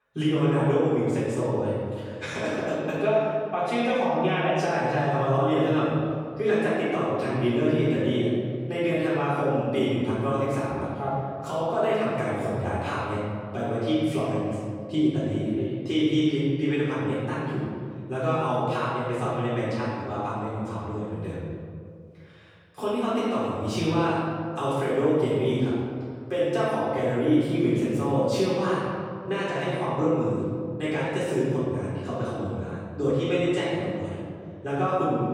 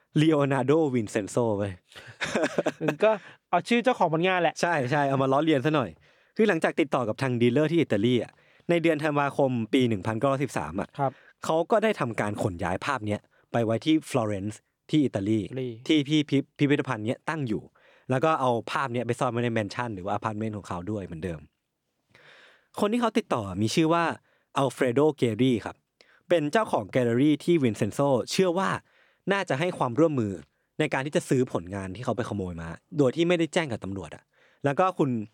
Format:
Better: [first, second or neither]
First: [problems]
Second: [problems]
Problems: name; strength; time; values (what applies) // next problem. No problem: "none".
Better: second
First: off-mic speech; far // room echo; strong; dies away in 2.1 s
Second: none